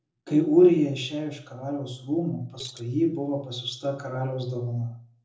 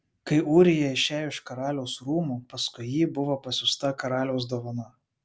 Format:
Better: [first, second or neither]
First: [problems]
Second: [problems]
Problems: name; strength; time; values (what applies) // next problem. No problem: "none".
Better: second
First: noise reduction (neural separator model SepFormer DNS4)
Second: none